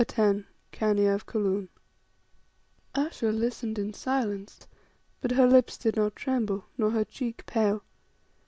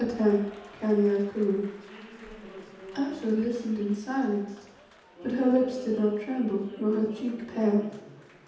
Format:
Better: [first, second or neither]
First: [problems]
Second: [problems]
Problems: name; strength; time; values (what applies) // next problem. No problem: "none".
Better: first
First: none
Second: background sound (Applause); 18 dB below the speech // room echo; dies away in 0.8 s